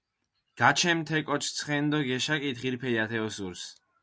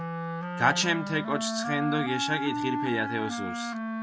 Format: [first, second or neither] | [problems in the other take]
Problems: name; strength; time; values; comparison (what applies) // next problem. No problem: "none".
first | background sound (Wind instrument, woodwind instrument); 2 dB below the speech